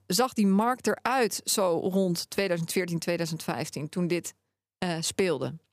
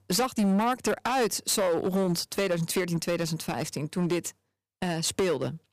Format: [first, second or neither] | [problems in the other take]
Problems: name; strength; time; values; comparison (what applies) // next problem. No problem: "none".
first | distortion; slight; 11% of the sound clipped